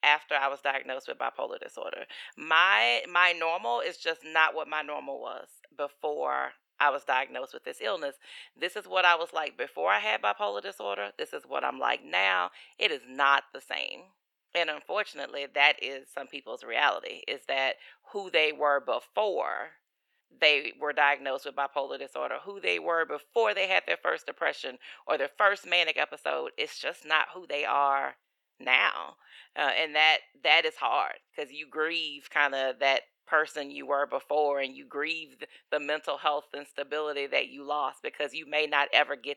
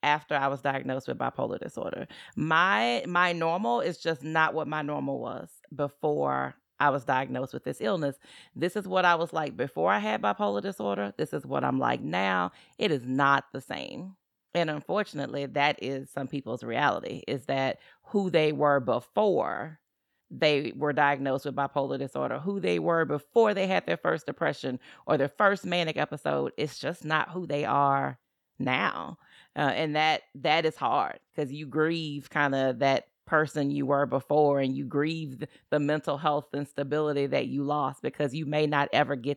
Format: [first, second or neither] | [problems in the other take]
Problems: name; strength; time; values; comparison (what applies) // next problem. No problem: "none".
second | thin; very; fading below 450 Hz